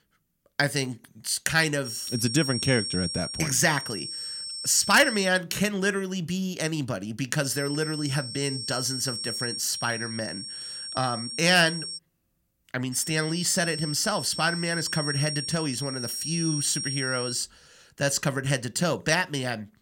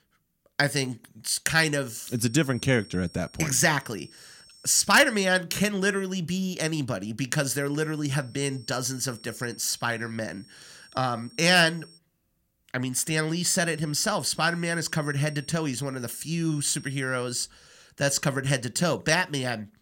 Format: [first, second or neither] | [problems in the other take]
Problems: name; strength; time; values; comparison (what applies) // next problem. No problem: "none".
second | high-pitched whine; loud; from 2 to 5.5 s, from 7.5 to 12 s and from 13 to 17 s; 5.5 kHz, 6 dB below the speech; faint in the second